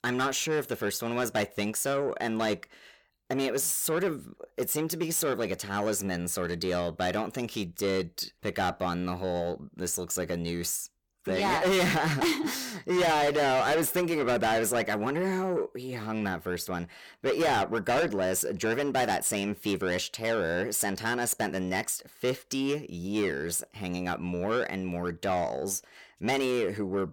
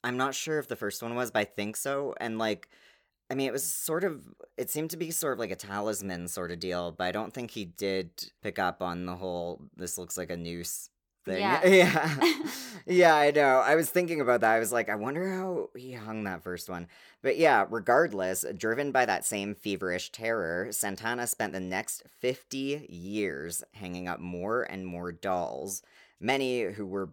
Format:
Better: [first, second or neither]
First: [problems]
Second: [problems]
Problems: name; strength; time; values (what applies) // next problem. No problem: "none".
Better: second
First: distortion; heavy; 5 dB below the speech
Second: none